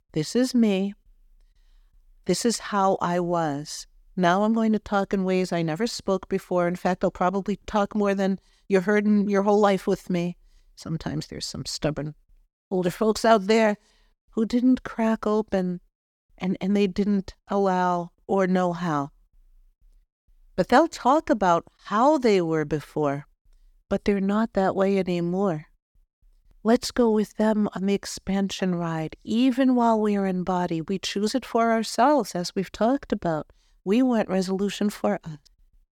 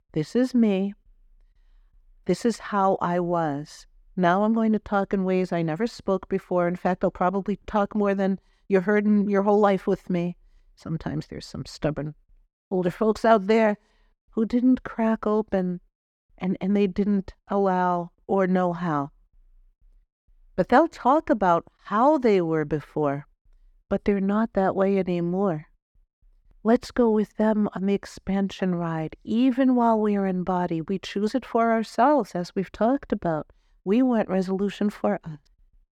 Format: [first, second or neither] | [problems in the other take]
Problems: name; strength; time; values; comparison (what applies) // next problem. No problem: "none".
first | muffled; slightly; fading above 3 kHz